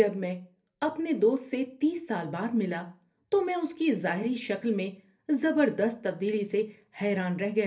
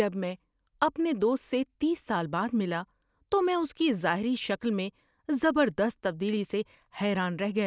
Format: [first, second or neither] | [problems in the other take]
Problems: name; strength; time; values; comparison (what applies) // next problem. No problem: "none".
second | room echo; dies away in 0.3 s